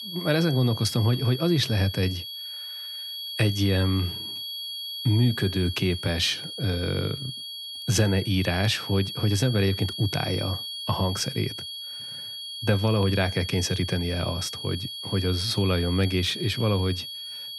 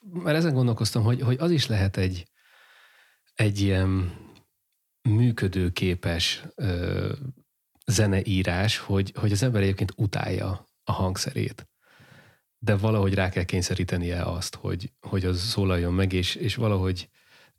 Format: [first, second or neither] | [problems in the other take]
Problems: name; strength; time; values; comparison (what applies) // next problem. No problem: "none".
second | high-pitched whine; loud; throughout; 3.5 kHz, 7 dB below the speech